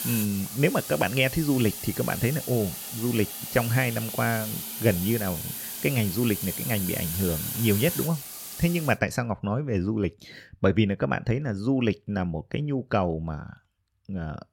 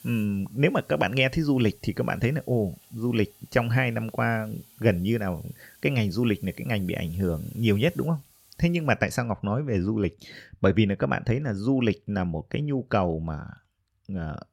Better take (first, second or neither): second